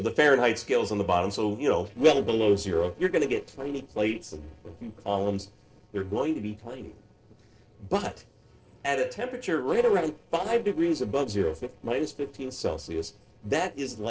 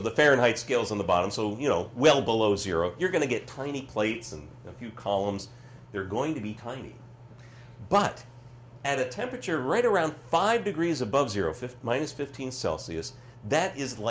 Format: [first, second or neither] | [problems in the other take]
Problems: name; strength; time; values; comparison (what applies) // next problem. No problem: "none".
second | noise reduction (neural separator model SepFormer DNS4)